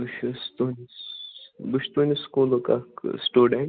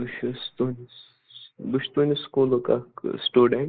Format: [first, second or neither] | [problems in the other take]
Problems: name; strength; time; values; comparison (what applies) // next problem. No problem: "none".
first | noise reduction (neural mask model Resemble Enhance denoiser)